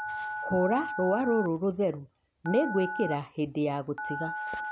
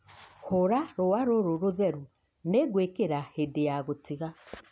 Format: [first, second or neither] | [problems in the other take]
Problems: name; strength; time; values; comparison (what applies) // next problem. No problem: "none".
second | background sound (Telephone); 7 dB below the speech